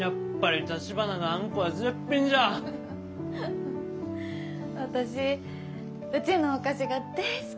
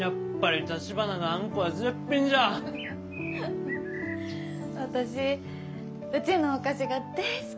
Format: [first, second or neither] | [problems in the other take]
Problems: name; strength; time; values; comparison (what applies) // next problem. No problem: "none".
first | background sound (Bird); 14 dB below the speech